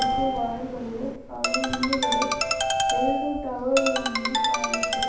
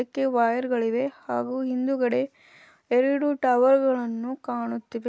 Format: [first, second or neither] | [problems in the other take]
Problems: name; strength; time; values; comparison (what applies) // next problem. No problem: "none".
second | background sound (Ringtone); 3 dB above the speech // room echo; dies away in 1.2 s